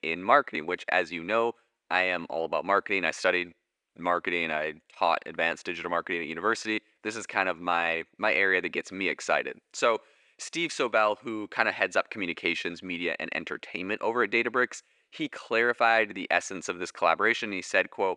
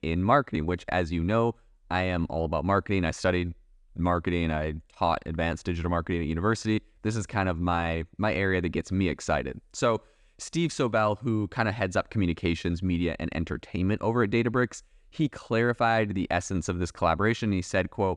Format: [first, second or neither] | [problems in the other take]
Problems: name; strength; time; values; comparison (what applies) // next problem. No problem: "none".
second | thin; somewhat; fading below 450 Hz